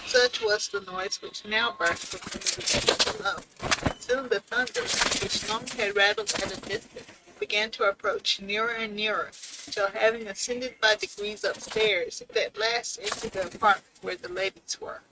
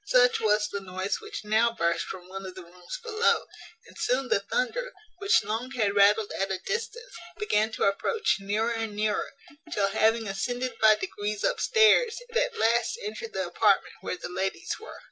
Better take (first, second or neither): second